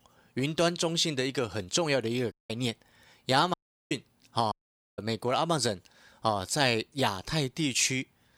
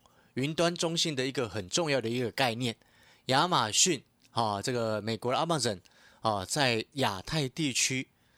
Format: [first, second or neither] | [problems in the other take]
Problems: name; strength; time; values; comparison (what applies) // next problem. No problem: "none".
second | audio cutting out; at 2.5 s, at 3.5 s and at 4.5 s